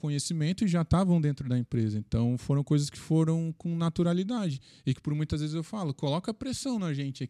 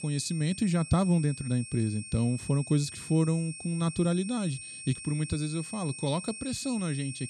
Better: first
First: none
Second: high-pitched whine; noticeable; throughout; 8.5 kHz, 10 dB below the speech

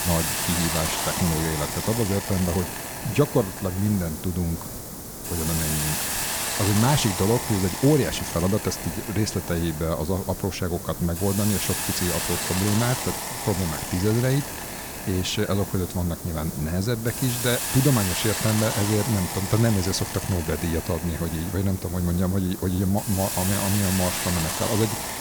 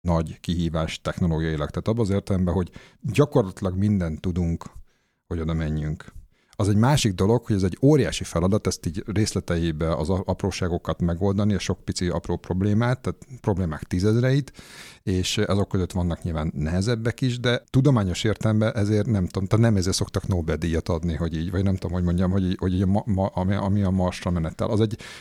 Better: second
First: hiss; loud; throughout; 3 dB below the speech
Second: none

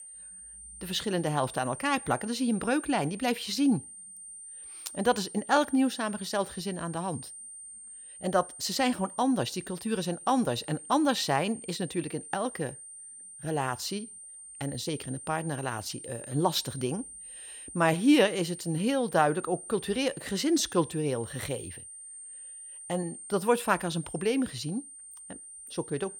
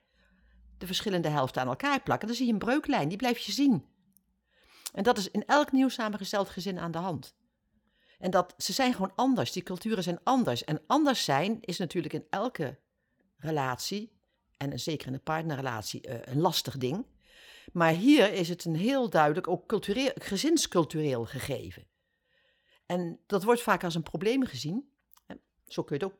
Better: second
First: high-pitched whine; noticeable; throughout; 9 kHz, 15 dB below the speech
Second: none

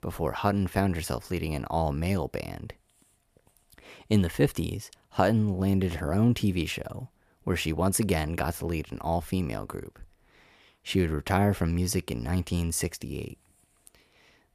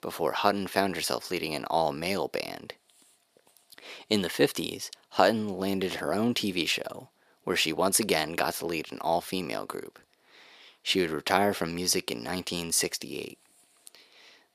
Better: first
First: none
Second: thin; somewhat; fading below 300 Hz

